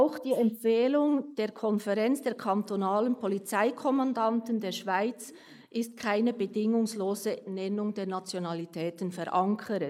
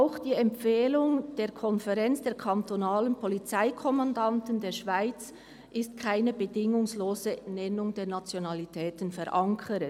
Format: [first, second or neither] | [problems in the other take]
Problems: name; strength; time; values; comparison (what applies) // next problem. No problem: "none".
second | noise reduction (neural mask model Resemble Enhance denoiser)